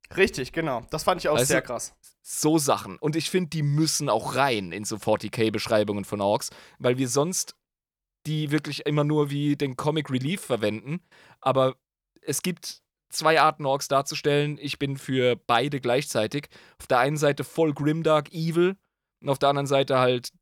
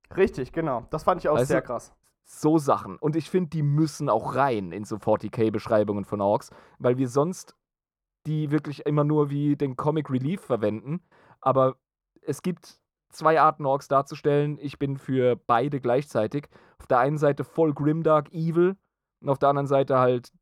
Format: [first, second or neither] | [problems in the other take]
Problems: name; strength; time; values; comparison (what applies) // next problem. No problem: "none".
first | muffled; slightly; fading above 1.5 kHz